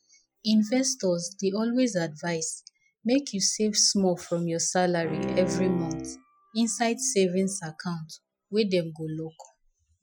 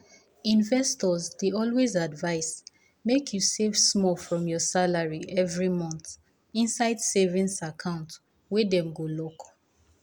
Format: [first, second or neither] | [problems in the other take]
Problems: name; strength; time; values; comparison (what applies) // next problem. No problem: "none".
second | noise reduction (classical method Wiener filter)